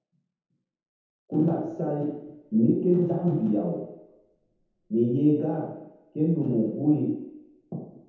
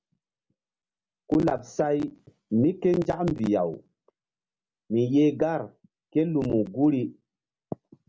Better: second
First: room echo; dies away in 0.9 s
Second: none

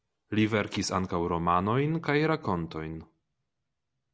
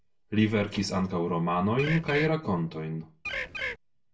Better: first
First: none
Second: background sound (Bird); 5 dB below the speech // room echo; dies away in 0.2 s

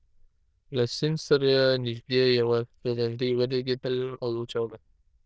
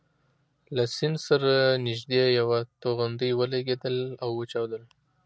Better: second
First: noise reduction (neural diffusion model UNIVERSE++)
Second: none

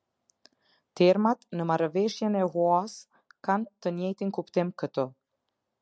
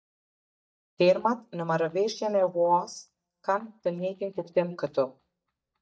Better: first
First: none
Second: noise reduction (neural mask model DeepFilterNet 3)

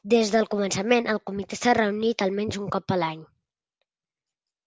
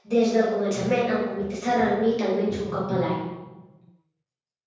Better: first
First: none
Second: room echo; dies away in 1.1 s

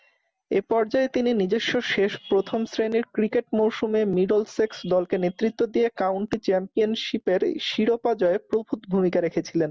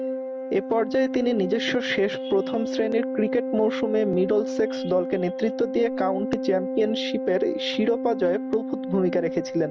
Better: first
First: none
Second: background sound (Organ); 5 dB below the speech

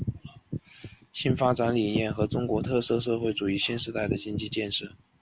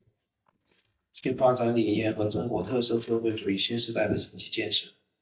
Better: first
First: none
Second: noise reduction (neural mask model DeepFilterNet 3)

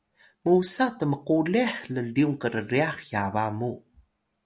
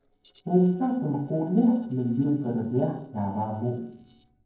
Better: first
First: none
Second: noise reduction (neural separator model SepFormer DNS4)

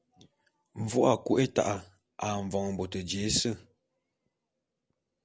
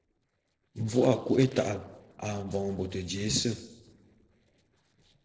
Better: first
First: none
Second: noise reduction (neural separator model SepFormer DNS4)

